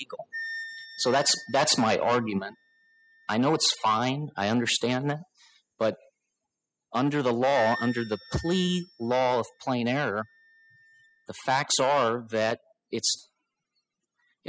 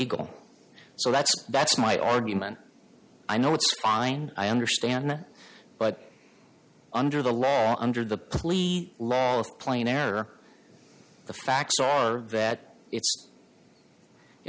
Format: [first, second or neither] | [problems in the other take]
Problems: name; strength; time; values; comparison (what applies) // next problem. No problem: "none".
second | noise reduction (classical method spectral subtraction)